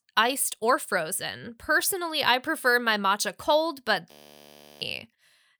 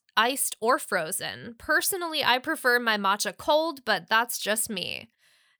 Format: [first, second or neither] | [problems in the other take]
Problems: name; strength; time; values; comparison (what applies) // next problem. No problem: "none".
second | audio freezing; at 4 s for 0.5 s